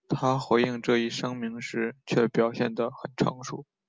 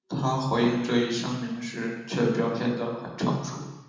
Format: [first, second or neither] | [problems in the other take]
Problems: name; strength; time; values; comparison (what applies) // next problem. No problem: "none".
first | room echo; dies away in 1.1 s